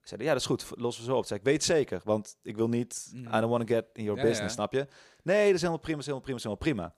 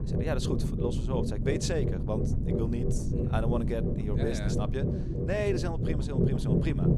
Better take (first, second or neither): first